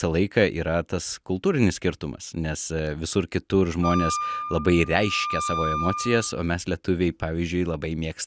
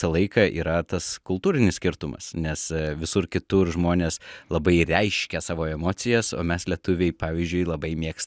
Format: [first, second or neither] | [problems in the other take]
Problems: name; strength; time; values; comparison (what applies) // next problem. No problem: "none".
second | background sound (Wind instrument, woodwind instrument); 5 dB below the speech